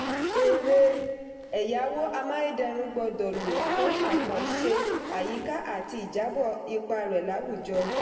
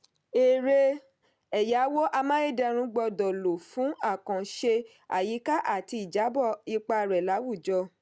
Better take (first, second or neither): second